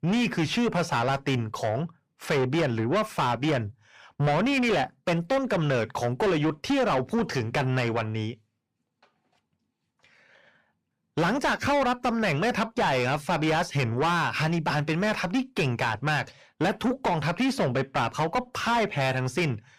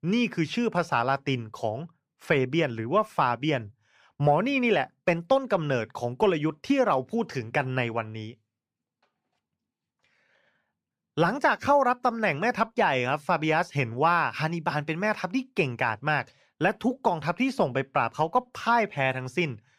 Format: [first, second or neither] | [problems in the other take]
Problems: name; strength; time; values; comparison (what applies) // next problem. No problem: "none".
second | distortion; heavy; 6 dB below the speech